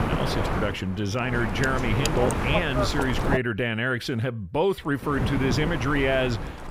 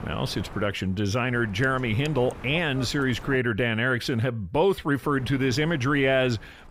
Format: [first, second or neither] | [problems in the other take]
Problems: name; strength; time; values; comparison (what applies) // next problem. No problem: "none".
second | wind noise on the microphone; heavy; until 3.5 s and from 5 s on; 3 dB below the speech; occasional gusts in the second